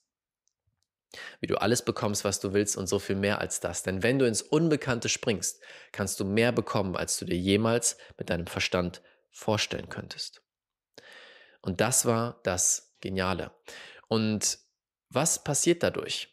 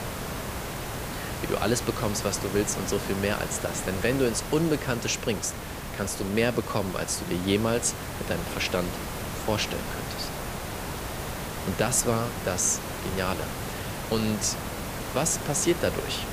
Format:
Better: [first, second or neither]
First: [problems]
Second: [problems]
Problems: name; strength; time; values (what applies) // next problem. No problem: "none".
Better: first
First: none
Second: hiss; loud; throughout; 6 dB below the speech